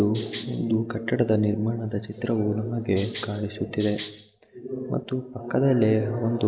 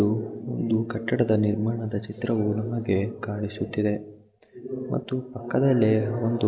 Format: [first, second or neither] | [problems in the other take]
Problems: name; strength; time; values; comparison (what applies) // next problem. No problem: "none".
second | background sound (Rattle (instrument)); 16 dB below the speech